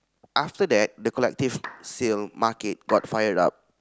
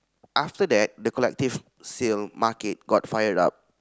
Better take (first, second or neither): second